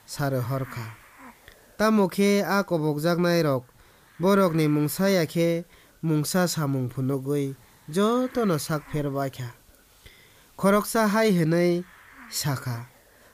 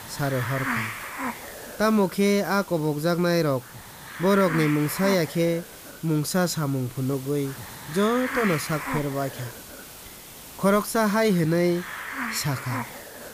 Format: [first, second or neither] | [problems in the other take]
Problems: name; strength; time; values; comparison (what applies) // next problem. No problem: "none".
first | hiss; loud; throughout; 10 dB below the speech; faint in the first